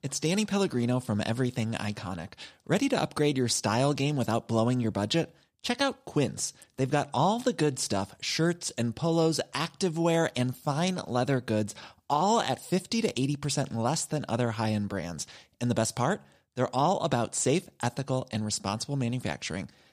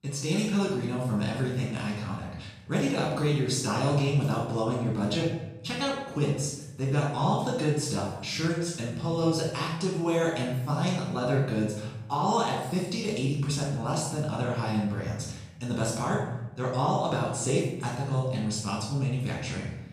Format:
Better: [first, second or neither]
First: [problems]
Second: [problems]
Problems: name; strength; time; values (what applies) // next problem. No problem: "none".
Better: first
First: none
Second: off-mic speech; far // room echo; noticeable; dies away in 1 s